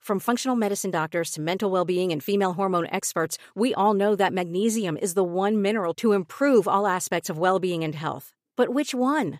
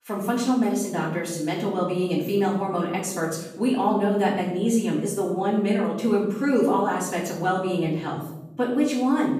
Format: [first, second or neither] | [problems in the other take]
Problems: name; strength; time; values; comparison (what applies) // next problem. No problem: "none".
first | off-mic speech; far // room echo; noticeable; dies away in 1 s